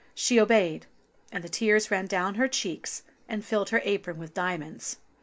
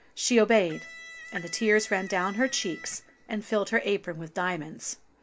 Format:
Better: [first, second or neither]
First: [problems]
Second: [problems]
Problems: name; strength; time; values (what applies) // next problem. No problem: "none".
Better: first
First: none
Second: background sound (Electric guitar); 17 dB below the speech